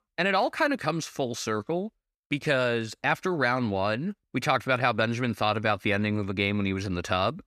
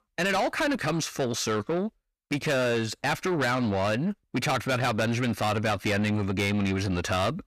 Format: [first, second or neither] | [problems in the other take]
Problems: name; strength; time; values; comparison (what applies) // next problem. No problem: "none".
first | distortion; heavy; 7 dB below the speech